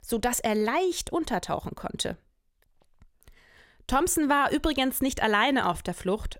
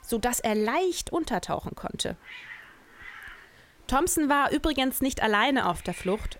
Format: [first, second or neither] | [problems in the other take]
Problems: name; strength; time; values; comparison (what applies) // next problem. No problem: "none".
first | hiss; noticeable; throughout; 20 dB below the speech